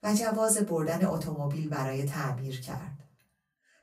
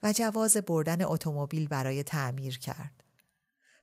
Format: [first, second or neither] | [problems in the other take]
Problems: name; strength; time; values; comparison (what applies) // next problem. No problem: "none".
second | off-mic speech; far // room echo; very slight; dies away in 0.2 s